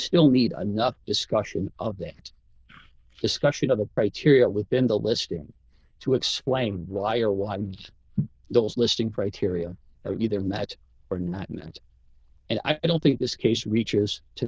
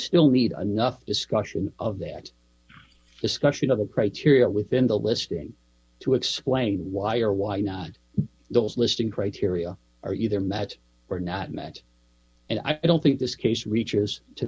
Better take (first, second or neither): second